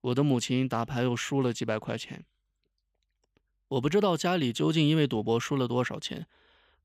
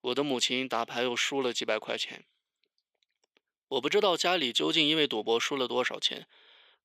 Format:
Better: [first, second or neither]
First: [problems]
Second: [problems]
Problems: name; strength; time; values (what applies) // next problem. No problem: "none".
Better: first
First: none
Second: thin; somewhat; fading below 450 Hz